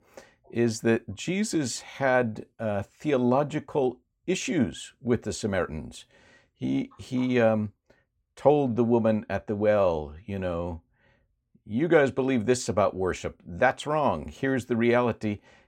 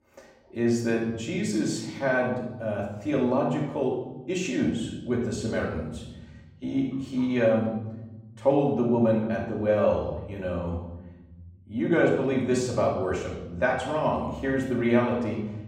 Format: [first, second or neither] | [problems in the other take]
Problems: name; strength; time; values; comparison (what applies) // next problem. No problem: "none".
first | off-mic speech; far // room echo; noticeable; dies away in 1.1 s